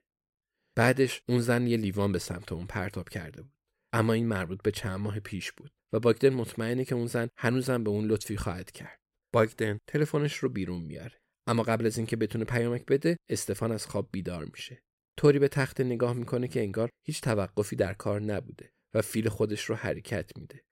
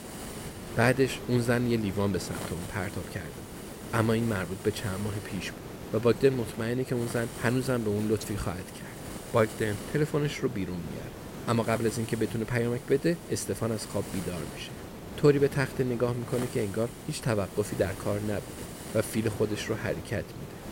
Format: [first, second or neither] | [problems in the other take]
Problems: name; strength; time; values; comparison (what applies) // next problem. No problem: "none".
first | hiss; noticeable; throughout; 10 dB below the speech